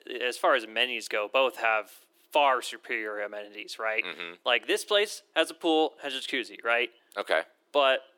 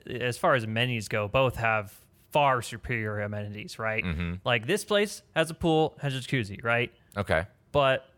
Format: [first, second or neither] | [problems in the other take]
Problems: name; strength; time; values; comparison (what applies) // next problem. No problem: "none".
second | thin; very; fading below 300 Hz